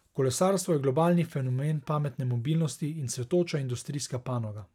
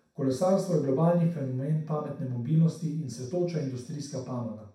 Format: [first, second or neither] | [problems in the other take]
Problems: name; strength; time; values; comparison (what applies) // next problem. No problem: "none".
first | room echo; dies away in 0.6 s